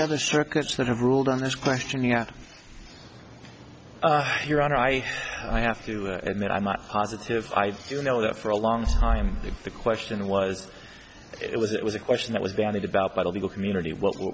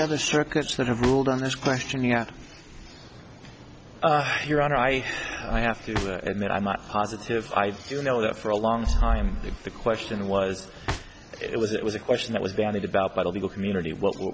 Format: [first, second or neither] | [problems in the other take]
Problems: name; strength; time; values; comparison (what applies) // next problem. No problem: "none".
first | background sound (Drawer open or close); 16 dB below the speech